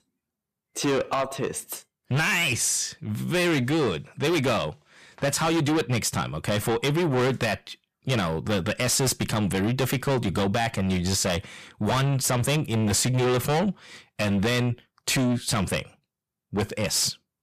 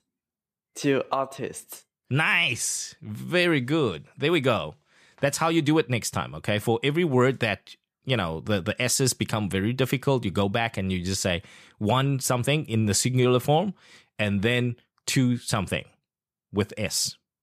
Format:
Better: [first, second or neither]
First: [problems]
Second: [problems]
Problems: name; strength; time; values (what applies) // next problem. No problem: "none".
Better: second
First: distortion; heavy; 6 dB below the speech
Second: none